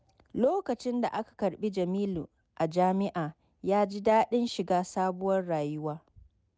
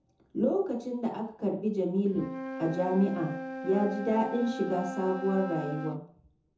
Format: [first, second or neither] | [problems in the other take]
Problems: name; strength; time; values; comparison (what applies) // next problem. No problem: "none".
first | background sound (Wind instrument, woodwind instrument); 10 dB below the speech // room echo; dies away in 0.5 s